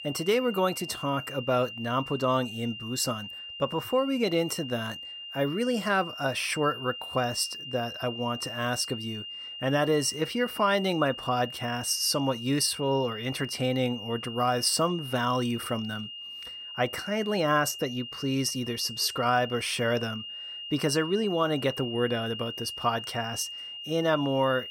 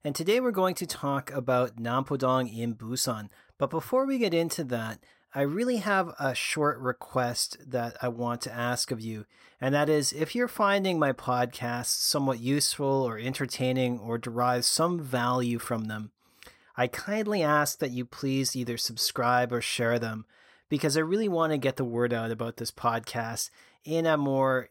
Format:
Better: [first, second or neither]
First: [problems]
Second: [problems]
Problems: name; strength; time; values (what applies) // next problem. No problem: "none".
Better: second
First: high-pitched whine; loud; throughout; 3 kHz, 9 dB below the speech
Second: none